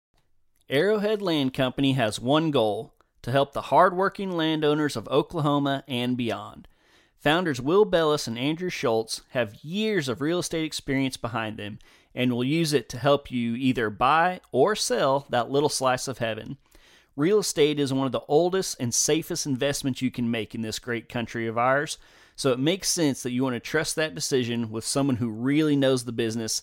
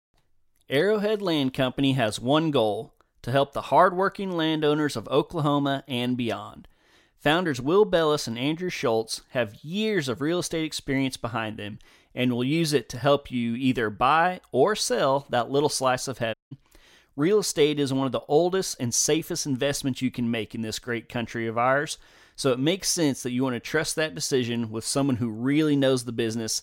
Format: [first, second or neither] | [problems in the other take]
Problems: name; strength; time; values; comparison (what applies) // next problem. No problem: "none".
first | audio cutting out; at 16 s